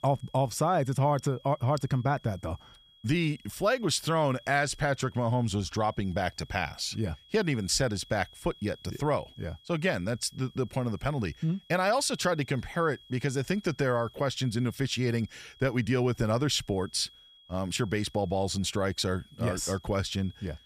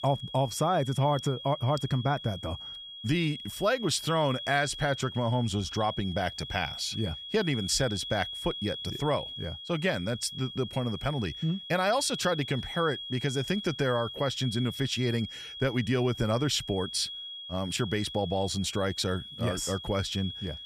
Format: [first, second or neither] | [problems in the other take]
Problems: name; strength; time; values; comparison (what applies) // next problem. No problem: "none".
first | high-pitched whine; loud; throughout; 3.5 kHz, 9 dB below the speech; faint in the first